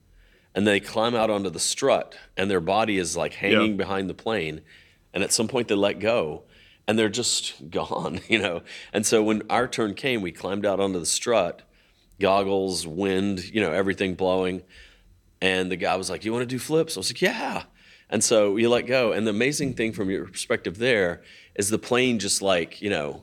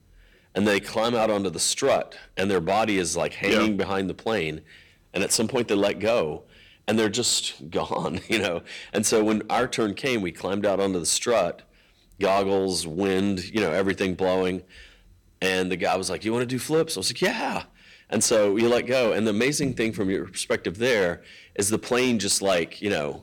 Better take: first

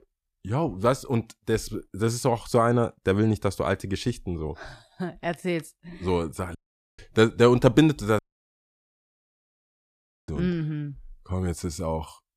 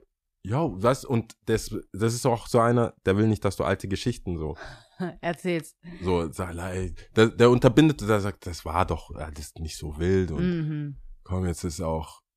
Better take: second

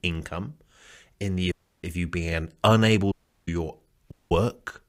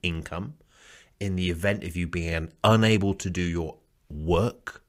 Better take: second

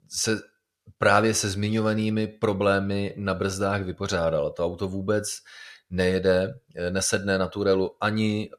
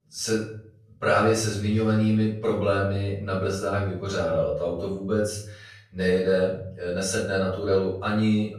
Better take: first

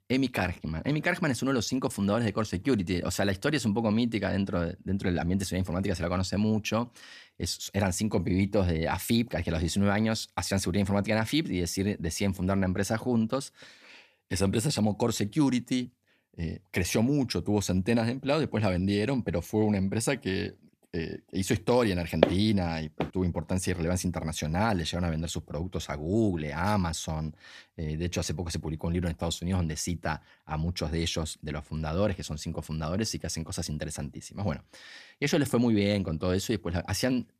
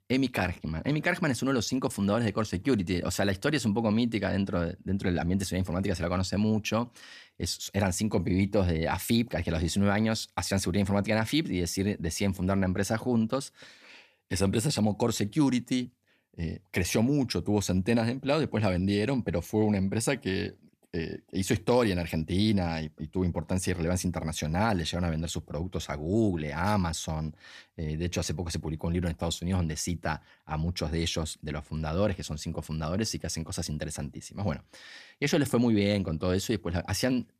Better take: second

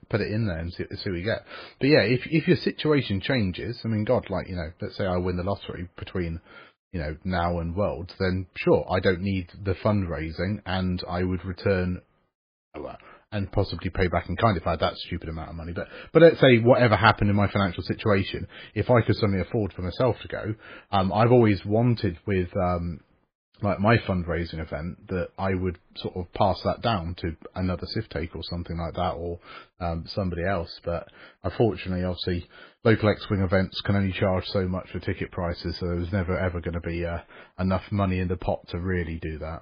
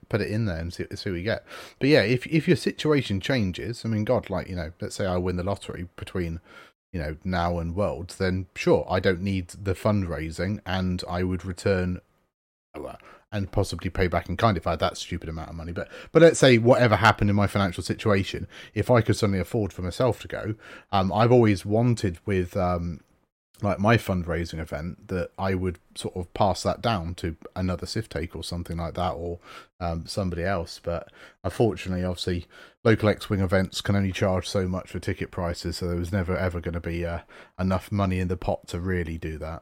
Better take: second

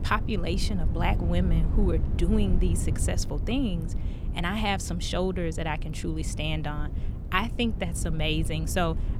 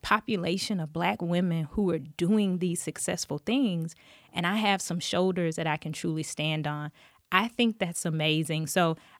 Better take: second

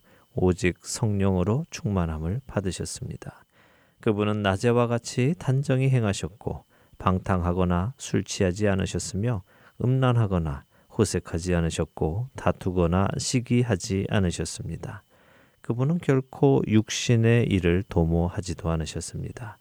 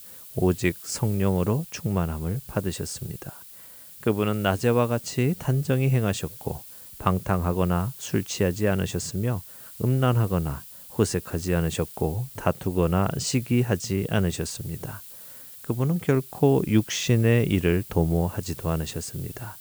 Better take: first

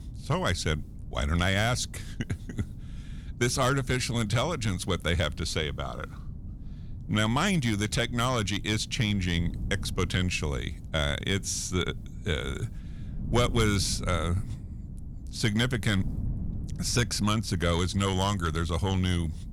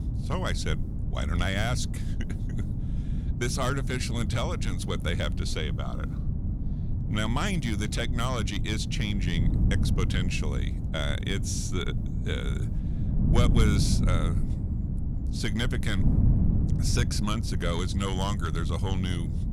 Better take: first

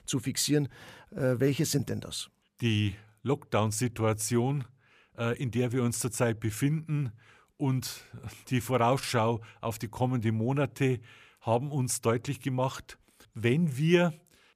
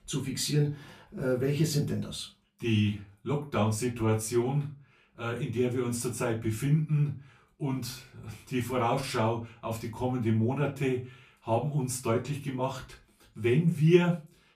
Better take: first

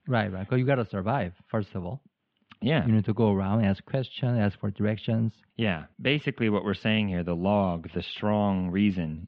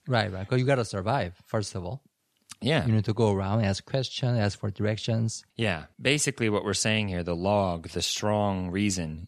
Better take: second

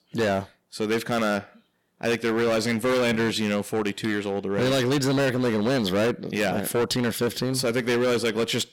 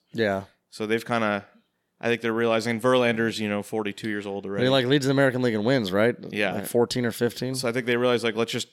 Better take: second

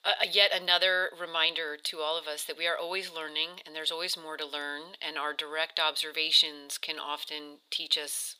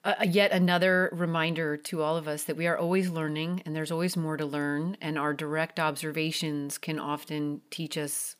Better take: second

